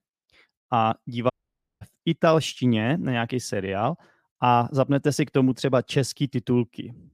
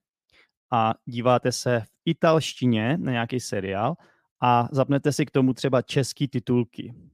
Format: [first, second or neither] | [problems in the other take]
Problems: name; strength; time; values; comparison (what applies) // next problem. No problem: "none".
second | audio cutting out; at 1.5 s for 0.5 s